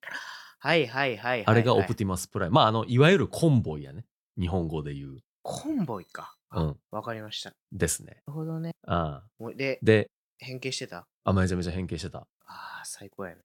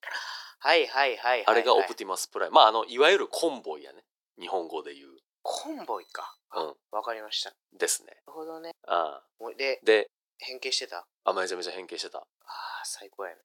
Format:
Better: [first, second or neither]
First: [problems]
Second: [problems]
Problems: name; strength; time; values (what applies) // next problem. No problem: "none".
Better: first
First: none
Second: thin; very; fading below 350 Hz